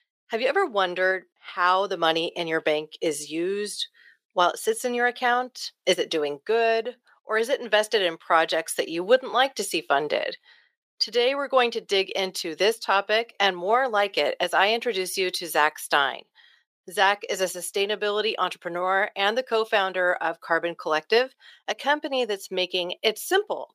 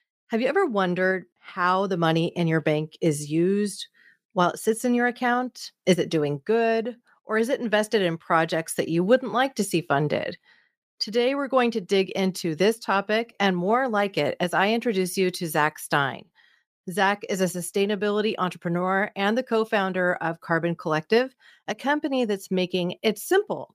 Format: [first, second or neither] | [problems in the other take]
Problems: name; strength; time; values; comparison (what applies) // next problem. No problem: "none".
second | thin; somewhat; fading below 500 Hz